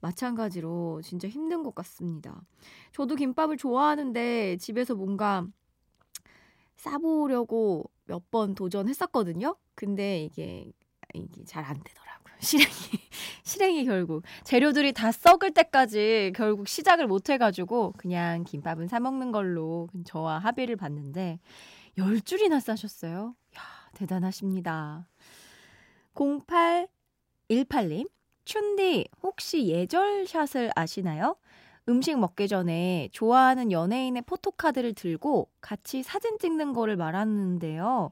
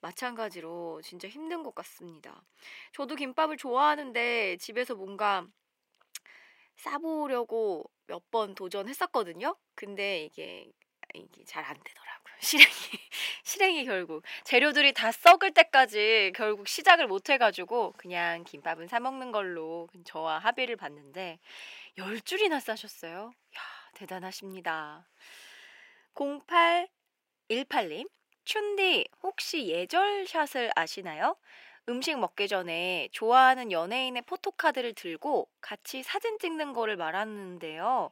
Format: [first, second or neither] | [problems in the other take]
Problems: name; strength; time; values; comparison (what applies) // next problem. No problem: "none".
first | thin; somewhat; fading below 500 Hz